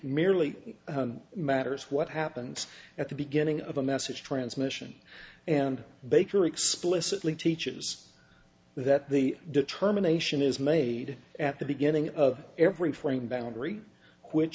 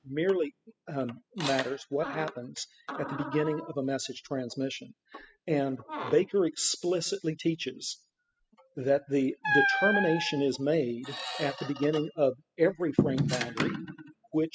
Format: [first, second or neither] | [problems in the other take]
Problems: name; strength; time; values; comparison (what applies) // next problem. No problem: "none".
first | noise reduction (classical method spectral subtraction)